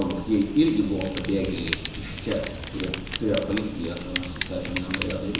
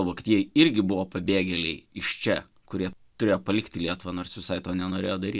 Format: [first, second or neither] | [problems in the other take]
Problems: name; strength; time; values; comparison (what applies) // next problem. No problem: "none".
second | background sound (Fire); 7 dB below the speech // room echo; dies away in 1 s